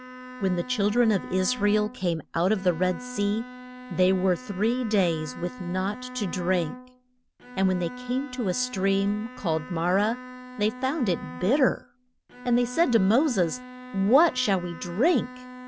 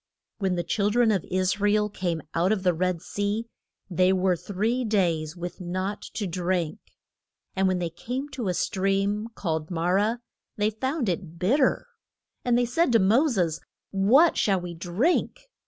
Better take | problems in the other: second | background sound (Bowed string instrument); 14 dB below the speech

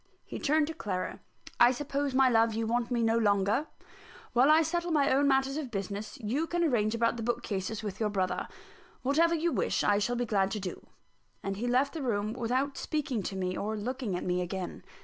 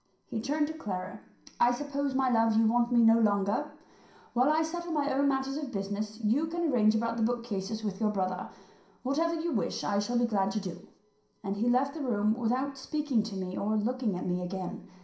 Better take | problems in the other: first | room echo; dies away in 0.5 s

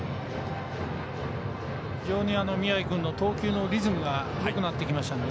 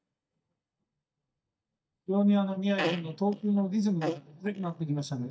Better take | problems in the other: first | noise reduction (neural mask model DeepFilterNet 3)

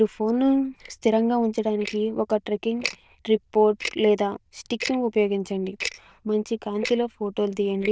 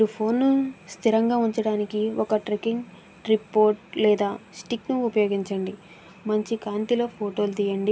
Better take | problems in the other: second | noise reduction (neural diffusion model UNIVERSE++)

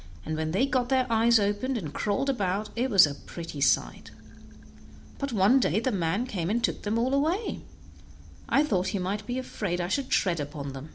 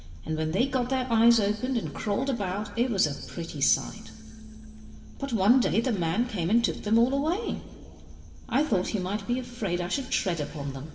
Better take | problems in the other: first | room echo; dies away in 2 s

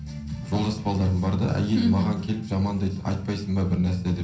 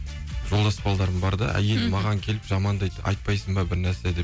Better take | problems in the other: second | room echo; dies away in 0.6 s

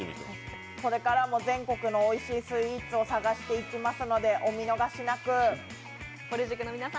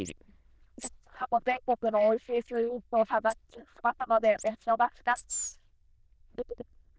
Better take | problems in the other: first | noise reduction (neural diffusion model UNIVERSE++)

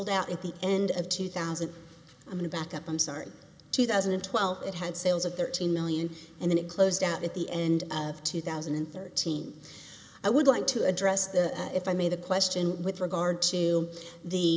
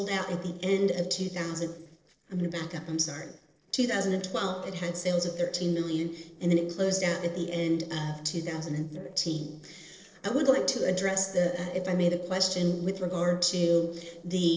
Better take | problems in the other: first | noise reduction (neural separator model SepFormer DNS4)

